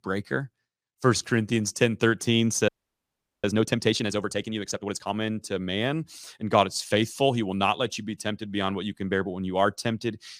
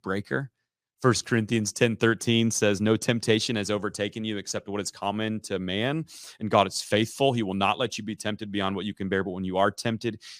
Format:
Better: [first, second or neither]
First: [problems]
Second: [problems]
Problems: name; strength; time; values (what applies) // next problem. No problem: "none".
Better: second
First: audio freezing; at 2.5 s for 1 s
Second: none